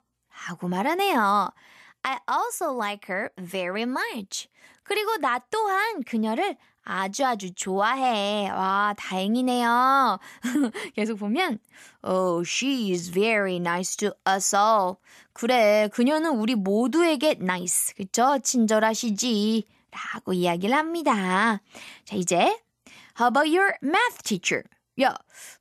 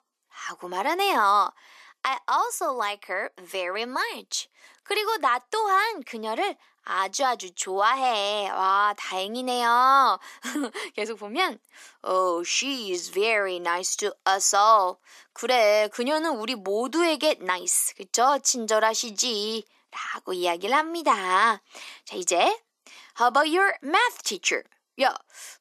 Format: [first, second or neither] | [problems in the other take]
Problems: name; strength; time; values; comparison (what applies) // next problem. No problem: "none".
first | thin; somewhat; fading below 300 Hz